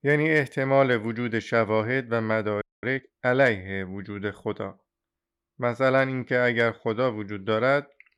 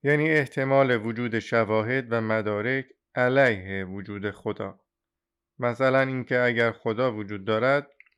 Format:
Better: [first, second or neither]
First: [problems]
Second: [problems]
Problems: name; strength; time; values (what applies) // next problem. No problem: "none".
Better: second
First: audio freezing; at 2.5 s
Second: none